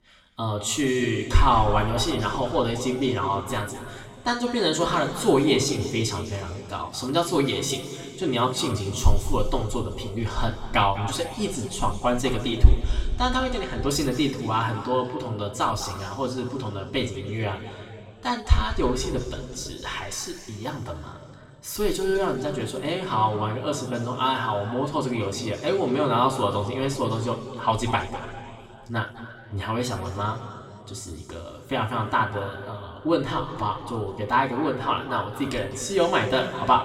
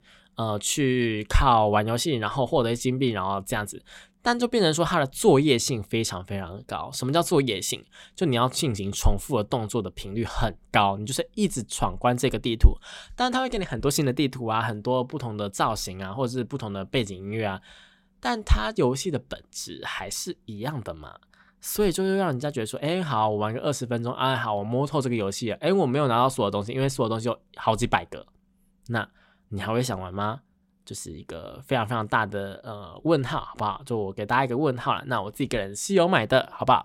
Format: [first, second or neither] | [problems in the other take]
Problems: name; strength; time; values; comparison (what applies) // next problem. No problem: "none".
second | room echo; noticeable; dies away in 2.1 s // off-mic speech; somewhat distant